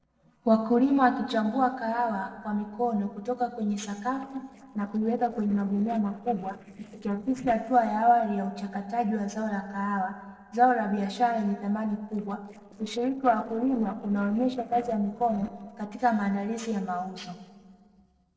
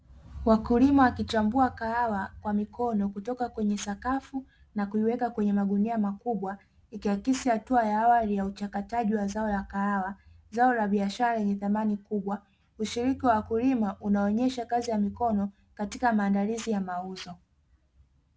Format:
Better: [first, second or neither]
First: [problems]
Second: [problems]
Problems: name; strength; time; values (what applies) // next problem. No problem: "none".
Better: second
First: noise reduction (neural separator model SepFormer DNS4)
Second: none